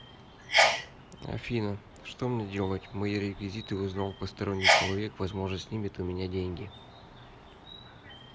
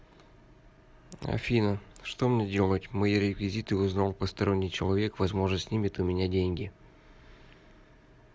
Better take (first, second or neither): second